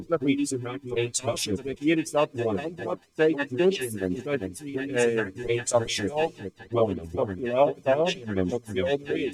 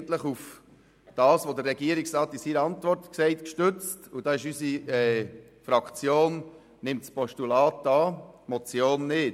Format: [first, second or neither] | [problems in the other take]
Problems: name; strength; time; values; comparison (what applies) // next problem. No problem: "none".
second | noise reduction (neural mask model DeepFilterNet 3)